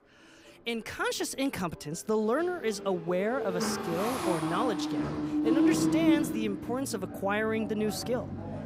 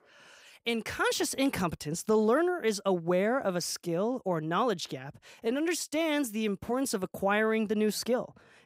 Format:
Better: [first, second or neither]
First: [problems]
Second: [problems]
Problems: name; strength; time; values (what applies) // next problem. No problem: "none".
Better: second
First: traffic noise; very loud; throughout; as loud as the speech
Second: none